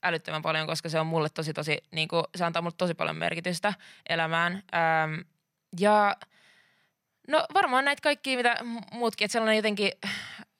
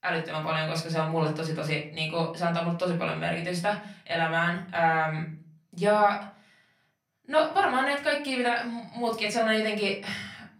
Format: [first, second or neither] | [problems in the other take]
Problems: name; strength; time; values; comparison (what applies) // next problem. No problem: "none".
first | off-mic speech; far // room echo; slight; dies away in 0.4 s